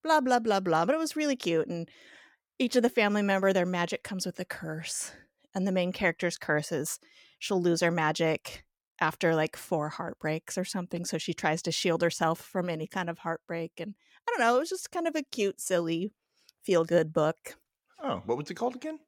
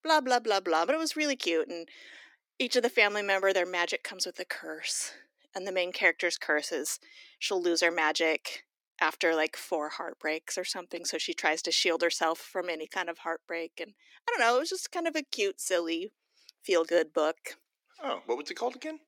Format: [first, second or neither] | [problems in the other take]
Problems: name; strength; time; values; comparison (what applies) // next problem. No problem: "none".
first | thin; somewhat; fading below 300 Hz